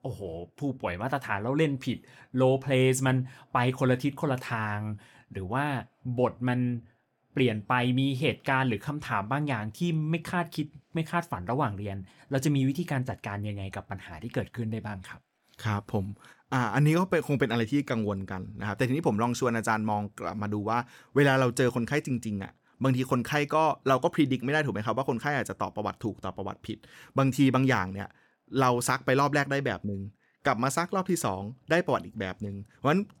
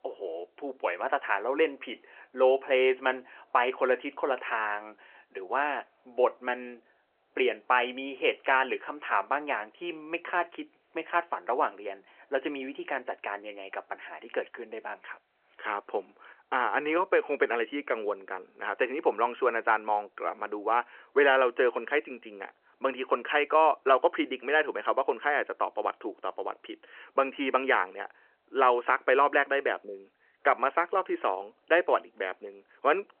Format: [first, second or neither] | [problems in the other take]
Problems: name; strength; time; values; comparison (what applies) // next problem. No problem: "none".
first | phone-call audio